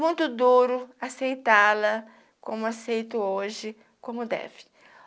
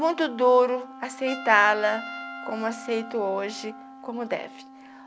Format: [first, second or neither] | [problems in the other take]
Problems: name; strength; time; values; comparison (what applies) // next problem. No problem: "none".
first | background sound (Trumpet + Wind instrument, woodwind instrument); 15 dB below the speech